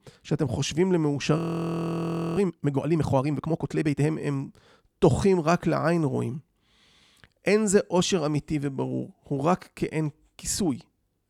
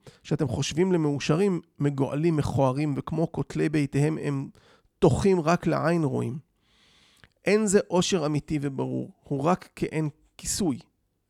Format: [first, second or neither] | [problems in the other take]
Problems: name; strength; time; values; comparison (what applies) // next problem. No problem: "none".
second | audio freezing; at 1.5 s for 1 s